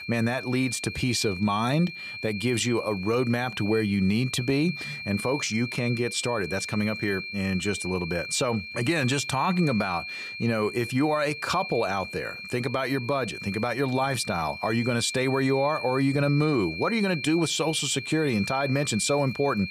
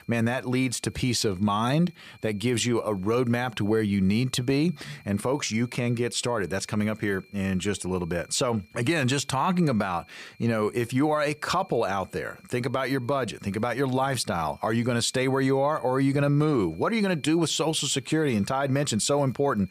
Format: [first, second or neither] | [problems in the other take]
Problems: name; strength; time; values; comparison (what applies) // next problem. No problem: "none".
second | high-pitched whine; loud; throughout; 2.5 kHz, 8 dB below the speech; faint in the second